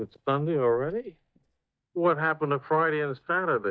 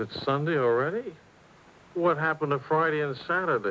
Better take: second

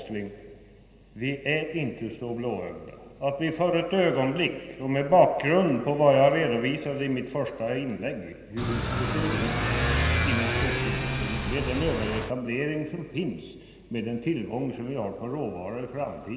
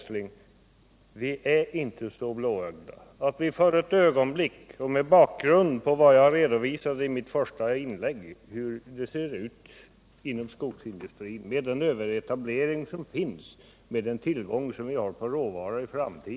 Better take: second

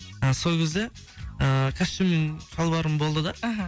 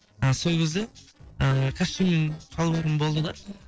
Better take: first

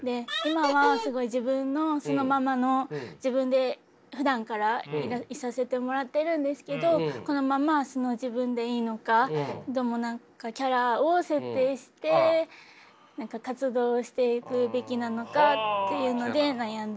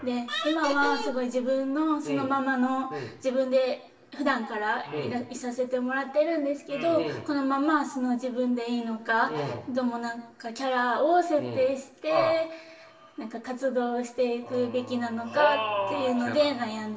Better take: first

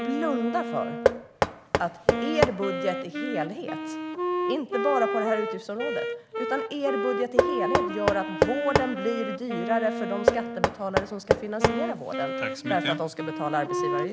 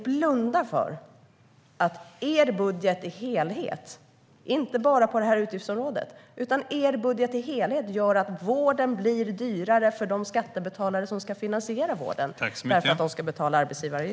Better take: second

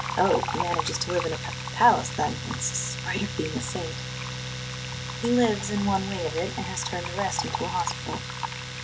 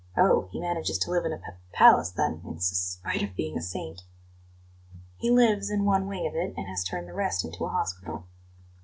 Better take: second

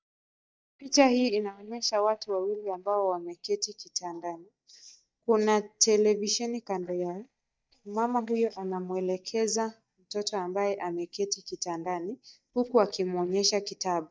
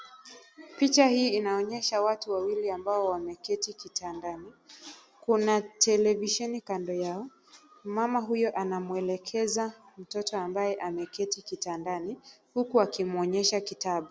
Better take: second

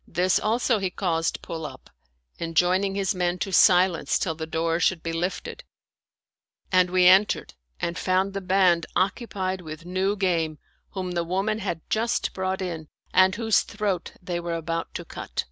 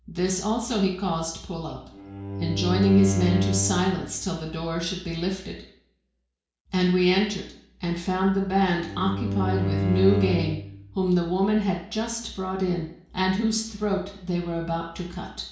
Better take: first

